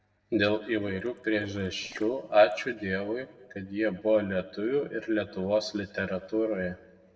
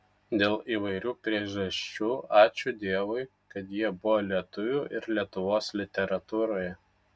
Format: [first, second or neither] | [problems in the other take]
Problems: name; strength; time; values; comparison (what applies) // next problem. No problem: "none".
second | noise reduction (neural separator model SepFormer DNS4)